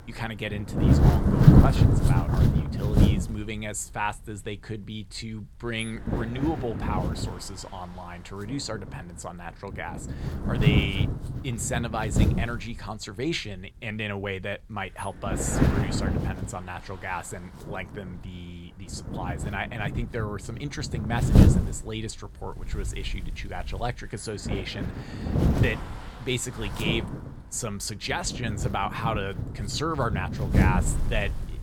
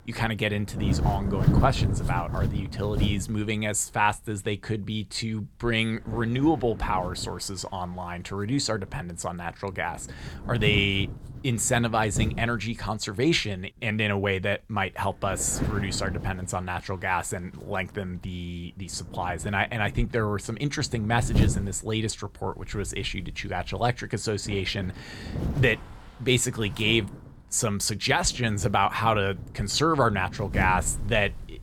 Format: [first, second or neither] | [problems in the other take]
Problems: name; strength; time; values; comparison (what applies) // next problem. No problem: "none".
second | wind noise on the microphone; heavy; 1 dB below the speech; occasional gusts in the second